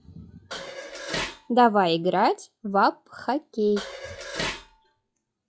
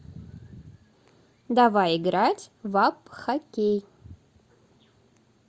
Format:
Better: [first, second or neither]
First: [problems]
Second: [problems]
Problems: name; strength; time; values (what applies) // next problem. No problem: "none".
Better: second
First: noise reduction (classical method log-MMSE)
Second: none